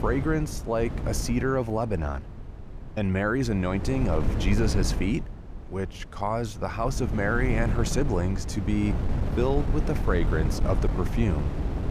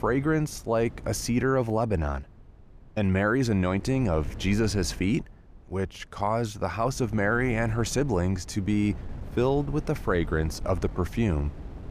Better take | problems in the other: second | wind noise on the microphone; heavy; 9 dB below the speech; occasional gusts in the second

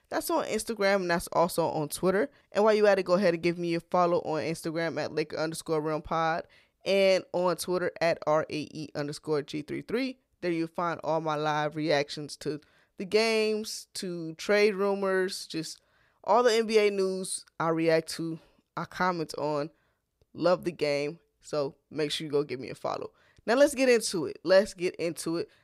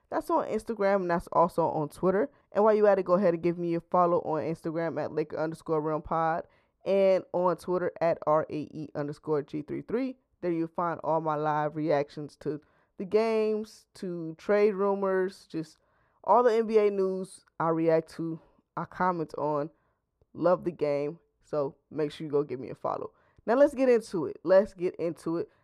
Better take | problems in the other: first | muffled; very; fading above 2 kHz

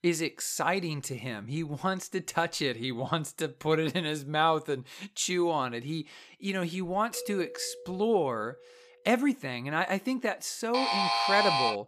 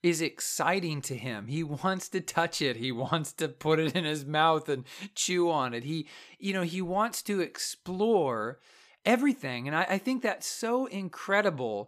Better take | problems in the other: second | doorbell; faint; from 7 to 9 s; peak 10 dB below the speech // alarm; loud; from 11 s on; peak 5 dB above the speech

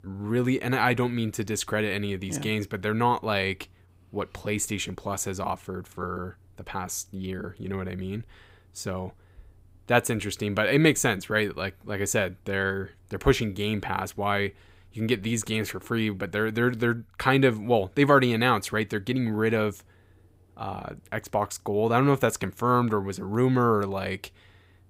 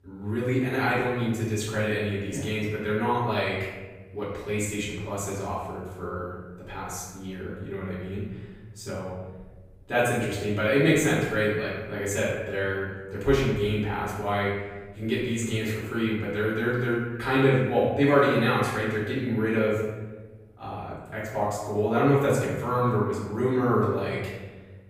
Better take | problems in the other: first | off-mic speech; far // room echo; noticeable; dies away in 1.2 s

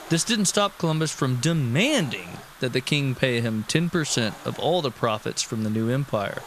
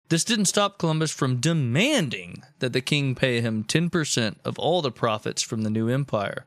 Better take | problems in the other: second | hiss; noticeable; throughout; 20 dB below the speech

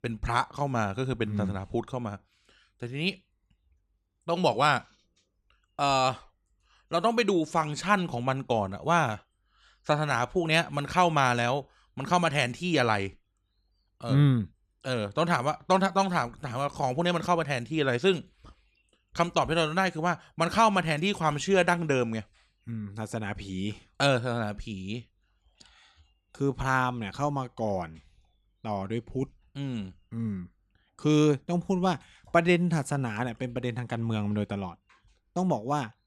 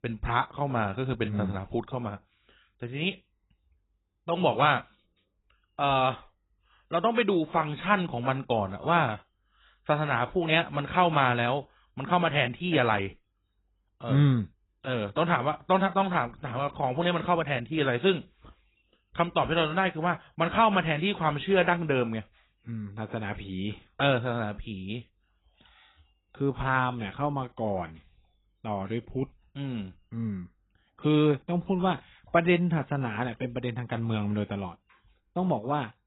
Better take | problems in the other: first | garbled, watery; badly; nothing above 4 kHz

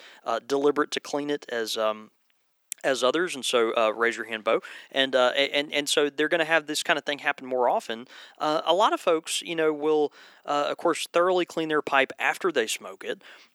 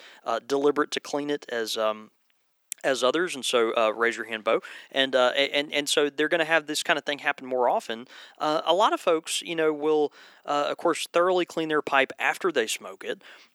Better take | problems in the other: neither | thin; somewhat; fading below 350 Hz; the same in both

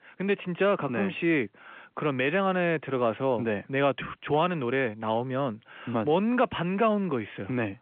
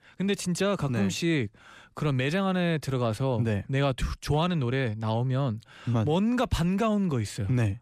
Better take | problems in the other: second | phone-call audio; nothing above 3.5 kHz

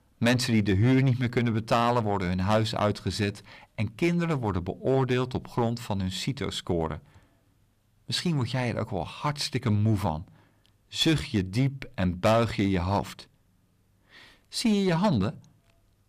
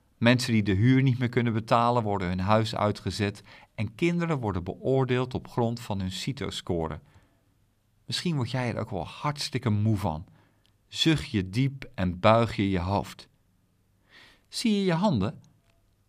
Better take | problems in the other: second | distortion; slight; 4% of the sound clipped

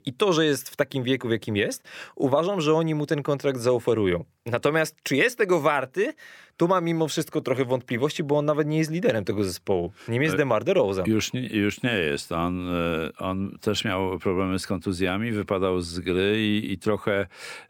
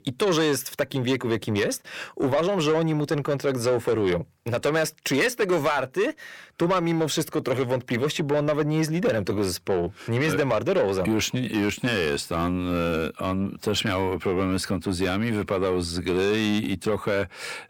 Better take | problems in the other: first | distortion; slight; 10 dB below the speech

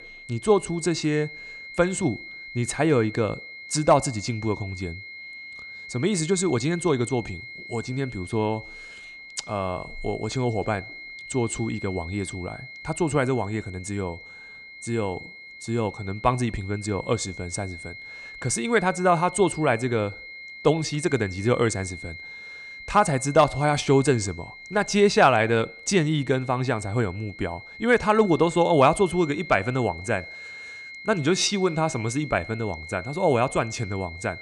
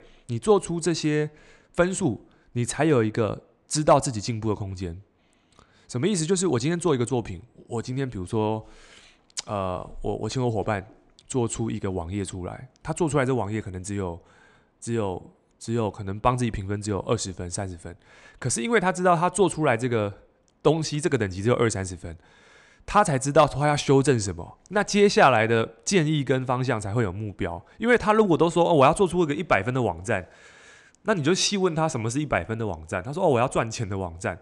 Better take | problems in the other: second | high-pitched whine; noticeable; throughout; 2 kHz, 15 dB below the speech

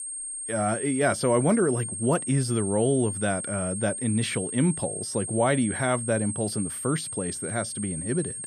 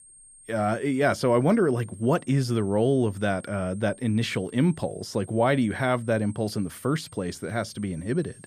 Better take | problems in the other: second | high-pitched whine; loud; throughout; 8.5 kHz, 5 dB below the speech; faint in the second

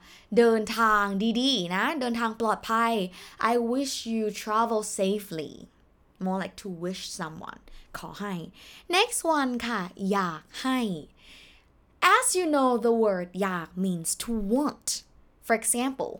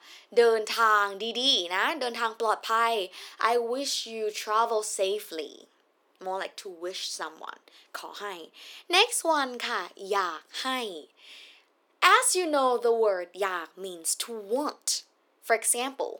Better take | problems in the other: first | thin; somewhat; fading below 350 Hz

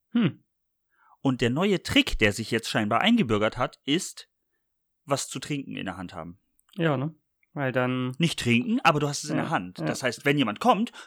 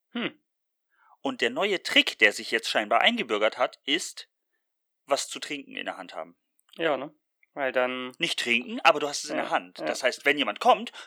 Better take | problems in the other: first | thin; somewhat; fading below 300 Hz

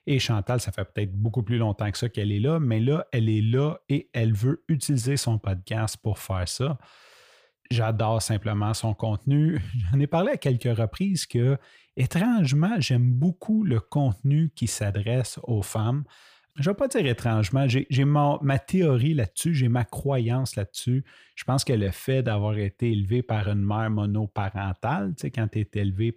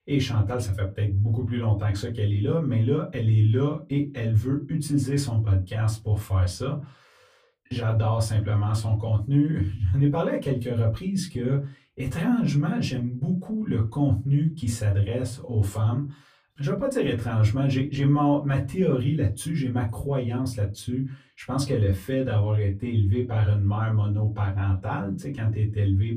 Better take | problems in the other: first | off-mic speech; far // room echo; very slight; dies away in 0.2 s

